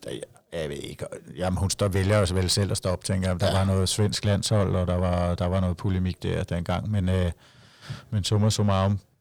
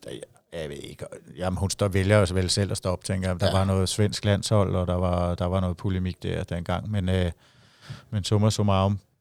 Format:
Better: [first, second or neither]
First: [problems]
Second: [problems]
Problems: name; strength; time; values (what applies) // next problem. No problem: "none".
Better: second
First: distortion; slight; 10 dB below the speech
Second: none